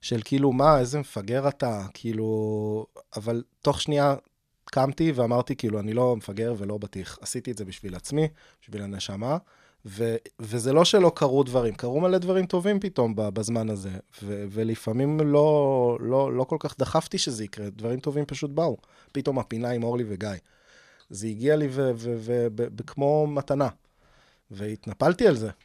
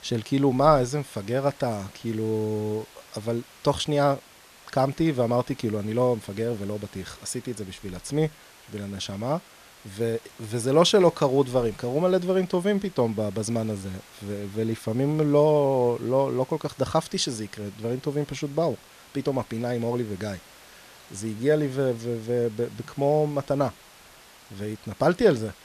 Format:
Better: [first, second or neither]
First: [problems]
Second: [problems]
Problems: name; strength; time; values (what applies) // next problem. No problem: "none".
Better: first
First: none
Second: hiss; faint; throughout; 25 dB below the speech